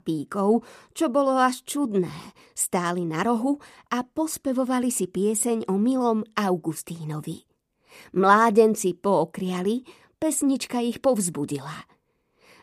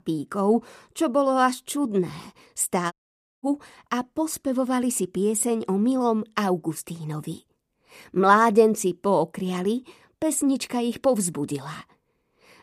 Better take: first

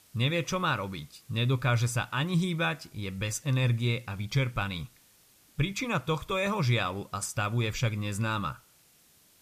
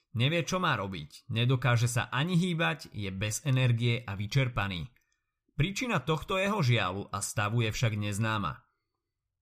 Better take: second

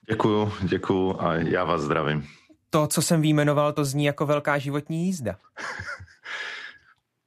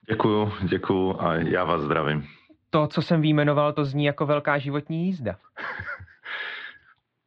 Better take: first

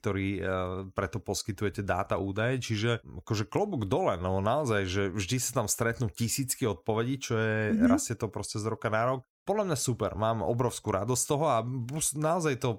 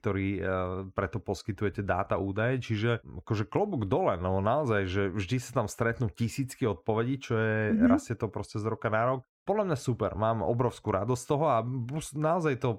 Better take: first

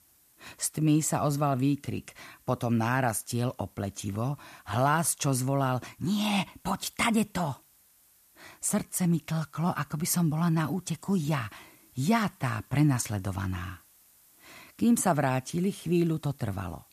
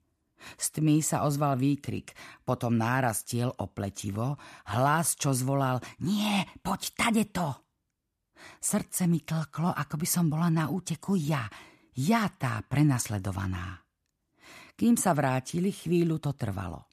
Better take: second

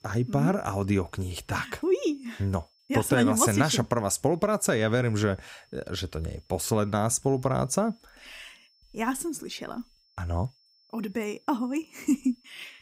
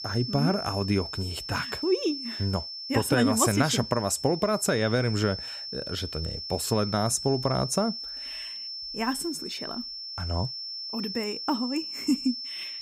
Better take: first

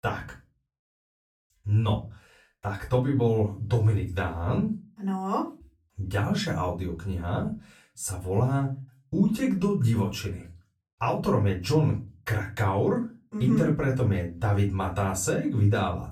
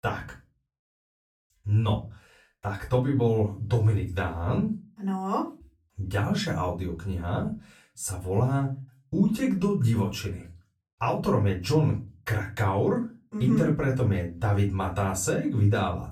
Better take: neither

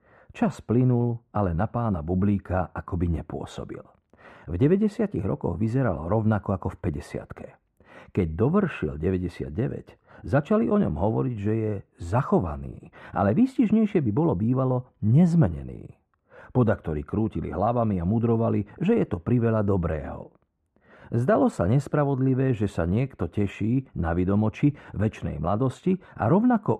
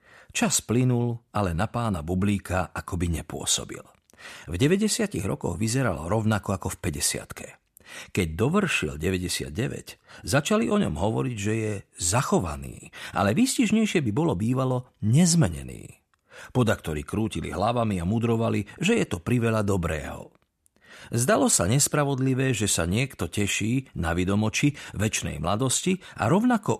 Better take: second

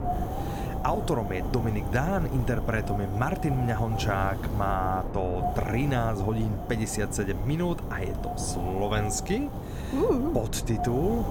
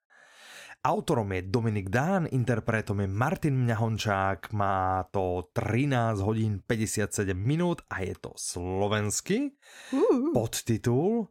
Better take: second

